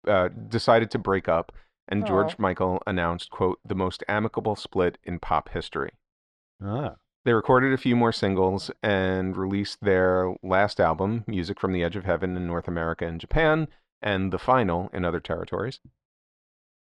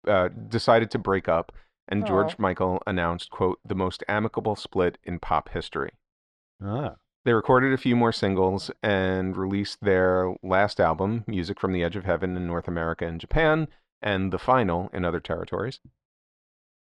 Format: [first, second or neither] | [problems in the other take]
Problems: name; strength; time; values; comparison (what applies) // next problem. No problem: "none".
neither | muffled; slightly; fading above 4 kHz; the same in both